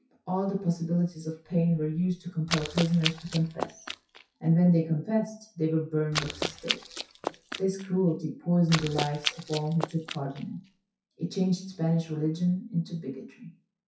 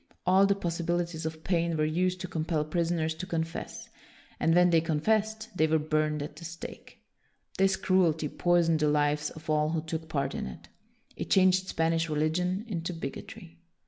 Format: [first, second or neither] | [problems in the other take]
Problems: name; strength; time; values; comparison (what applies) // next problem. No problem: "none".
second | noise reduction (classical method WPE with log-MMSE)